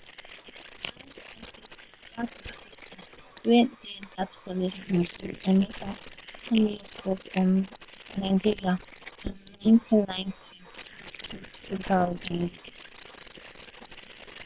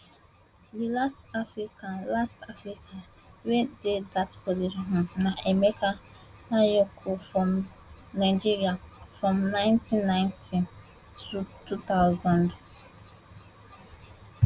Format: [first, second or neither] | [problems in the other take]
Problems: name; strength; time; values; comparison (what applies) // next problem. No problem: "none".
second | noise reduction (neural separator model SepFormer WHAM!)